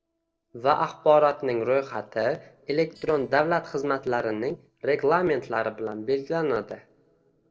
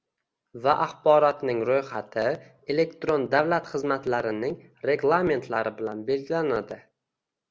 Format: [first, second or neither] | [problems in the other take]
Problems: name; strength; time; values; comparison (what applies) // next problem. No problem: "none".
second | noise reduction (neural separator model SepFormer DNS4)